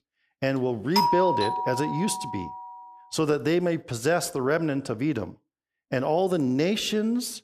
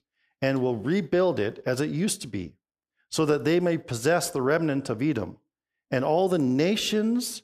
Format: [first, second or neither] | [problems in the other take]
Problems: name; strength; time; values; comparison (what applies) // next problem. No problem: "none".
second | doorbell; loud; from 1 to 2.5 s; peak 4 dB above the speech